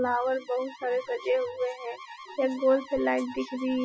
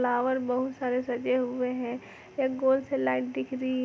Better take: second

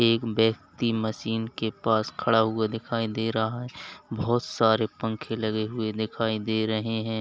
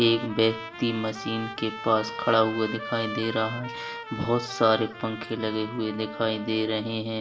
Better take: first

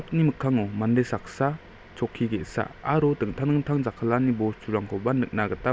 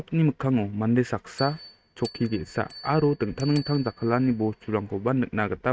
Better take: first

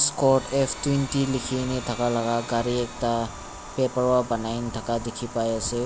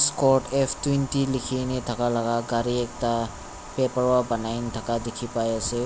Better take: second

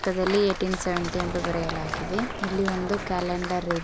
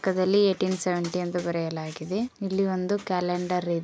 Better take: second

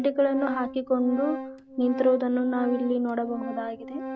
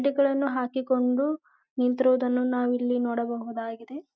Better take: second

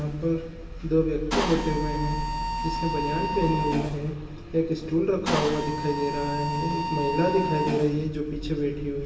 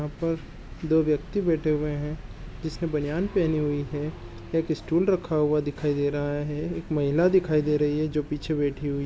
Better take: second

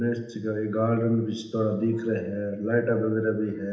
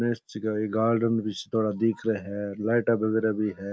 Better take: second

